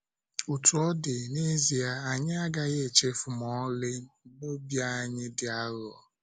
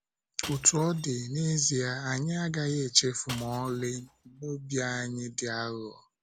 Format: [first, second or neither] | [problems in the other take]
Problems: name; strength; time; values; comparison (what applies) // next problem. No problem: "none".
first | background sound (Shatter / Crushing); 18 dB below the speech